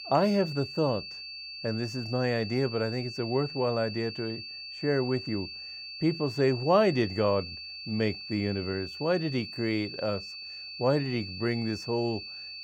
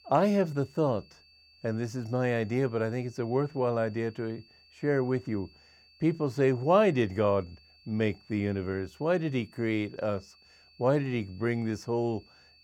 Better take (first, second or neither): second